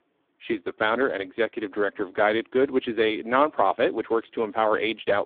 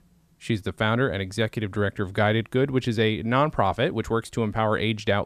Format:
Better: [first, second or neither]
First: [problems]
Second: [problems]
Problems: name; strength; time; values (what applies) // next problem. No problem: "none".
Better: second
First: phone-call audio; poor line; nothing above 3.5 kHz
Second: none